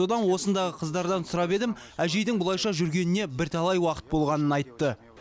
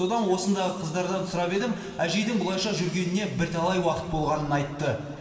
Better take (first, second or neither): first